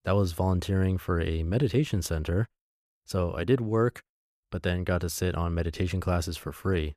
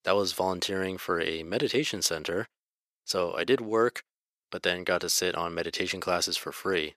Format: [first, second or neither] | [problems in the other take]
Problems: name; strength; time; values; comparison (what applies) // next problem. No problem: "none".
first | thin; somewhat; fading below 350 Hz